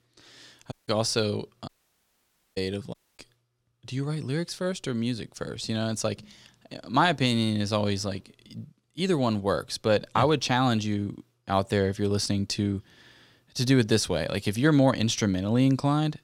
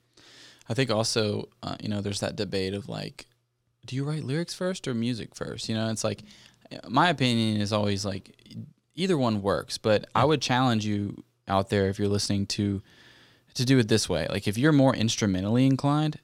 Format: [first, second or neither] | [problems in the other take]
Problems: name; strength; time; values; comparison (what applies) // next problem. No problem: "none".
second | audio cutting out; at 0.5 s, at 1.5 s for 1 s and at 3 s